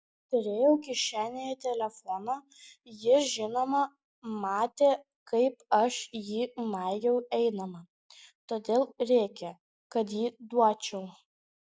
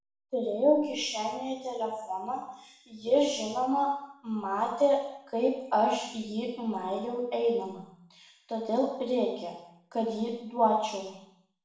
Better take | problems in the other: first | room echo; dies away in 0.7 s

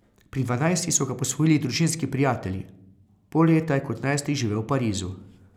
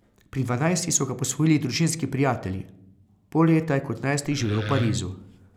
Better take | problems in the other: first | background sound (Wood); 6 dB below the speech

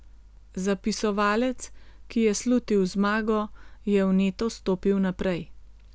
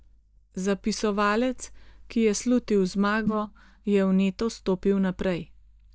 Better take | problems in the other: first | noise reduction (neural mask model DeepFilterNet 3)

